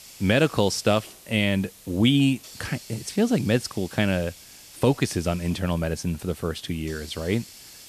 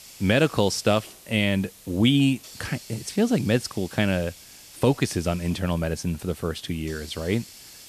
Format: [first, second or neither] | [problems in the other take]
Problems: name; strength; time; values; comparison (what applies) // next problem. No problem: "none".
neither | hiss; noticeable; throughout; 20 dB below the speech; the same in both